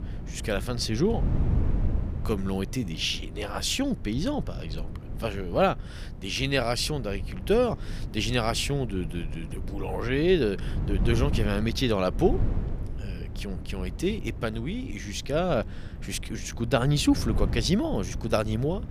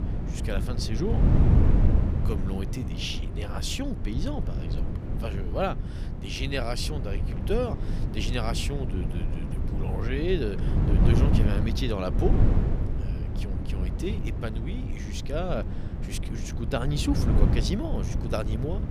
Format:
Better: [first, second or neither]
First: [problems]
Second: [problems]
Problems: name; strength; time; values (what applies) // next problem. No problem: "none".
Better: first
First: wind noise on the microphone; occasional gusts; 15 dB below the speech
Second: wind noise on the microphone; heavy; 5 dB below the speech